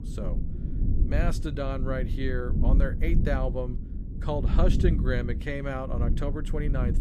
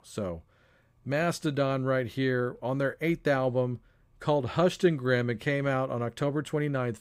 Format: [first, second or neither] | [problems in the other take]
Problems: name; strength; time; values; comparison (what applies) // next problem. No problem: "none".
second | low rumble; loud; throughout; 8 dB below the speech